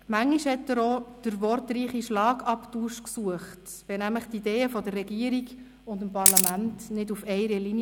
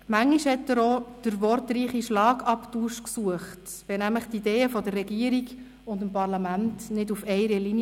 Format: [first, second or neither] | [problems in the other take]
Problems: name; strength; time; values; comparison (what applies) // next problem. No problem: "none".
second | background sound (Camera); 3 dB above the speech